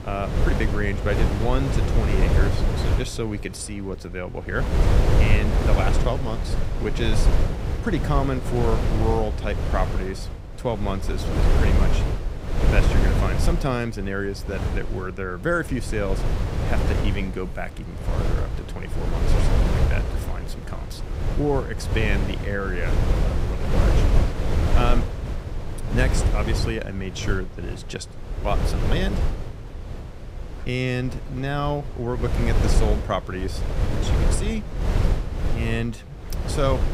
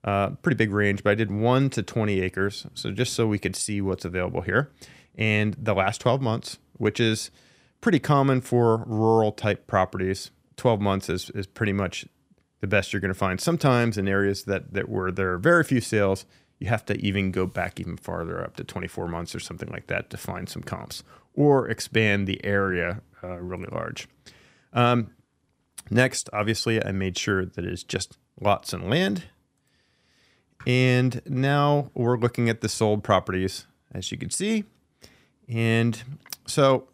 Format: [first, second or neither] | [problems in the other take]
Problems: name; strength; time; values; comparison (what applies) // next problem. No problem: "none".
second | wind noise on the microphone; heavy; 3 dB below the speech